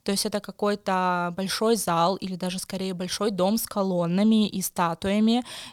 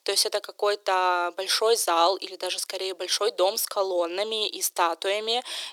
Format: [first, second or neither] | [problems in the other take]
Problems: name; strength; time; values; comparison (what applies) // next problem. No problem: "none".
first | thin; very; fading below 350 Hz